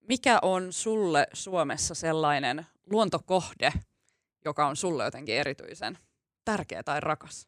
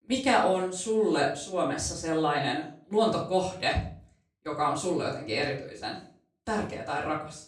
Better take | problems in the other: first | off-mic speech; far // room echo; slight; dies away in 0.4 s

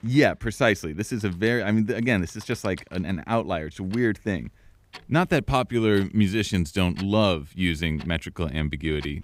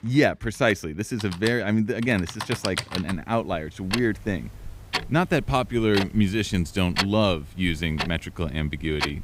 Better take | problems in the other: first | household noises; loud; throughout; 7 dB below the speech; faint in the first

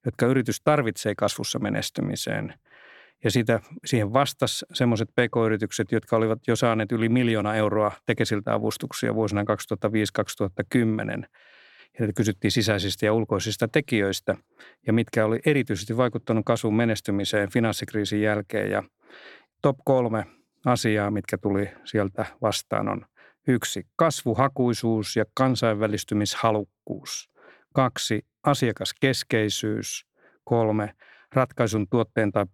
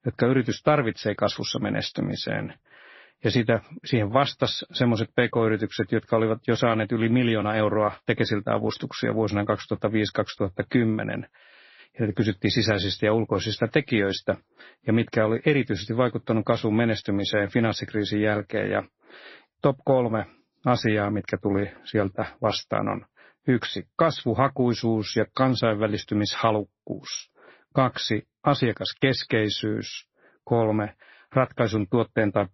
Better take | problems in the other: first | garbled, watery; slightly; nothing above 5.5 kHz

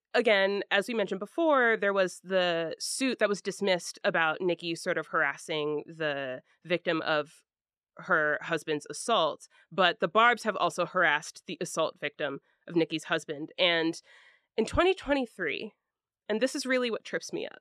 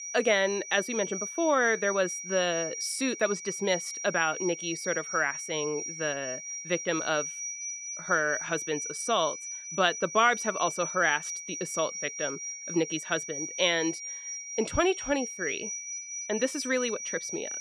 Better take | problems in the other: first | high-pitched whine; loud; throughout; 5.5 kHz, 6 dB below the speech

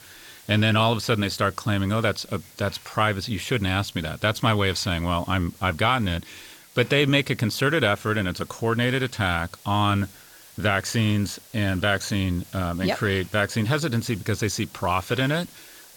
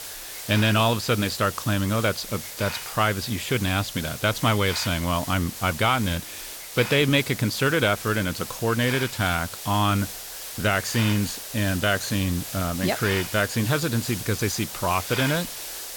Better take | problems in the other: first | hiss; loud; throughout; 9 dB below the speech; faint in the first

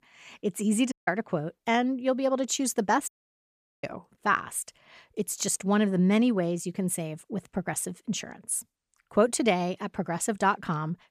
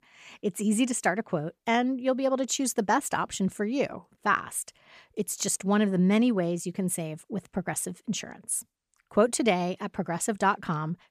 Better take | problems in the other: second | audio cutting out; at 1 s and at 3 s for 1 s

